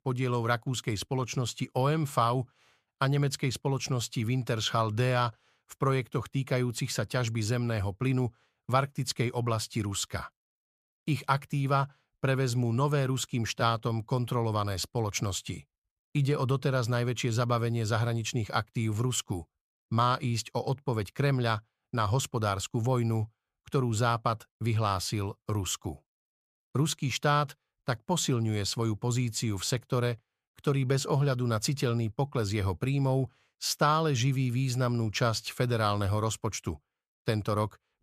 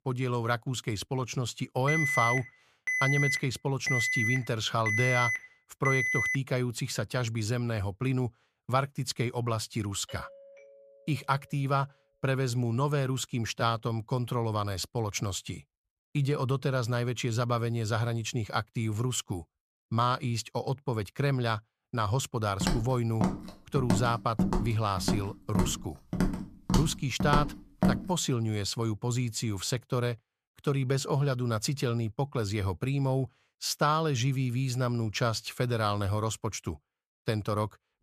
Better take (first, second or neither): first